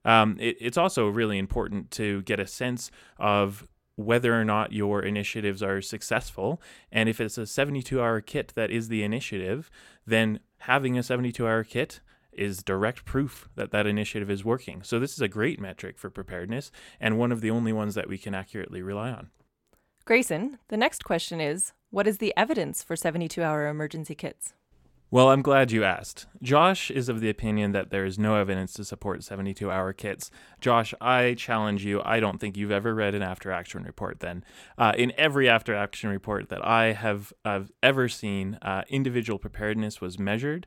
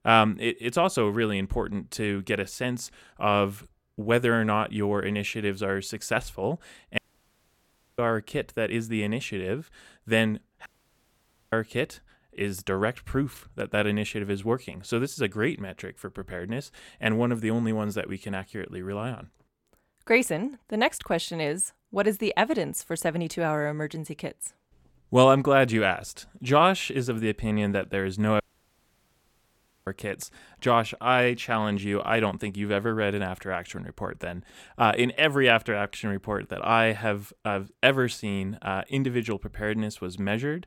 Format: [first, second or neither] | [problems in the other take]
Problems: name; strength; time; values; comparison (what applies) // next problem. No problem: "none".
first | audio cutting out; at 7 s for 1 s, at 11 s for 1 s and at 28 s for 1.5 s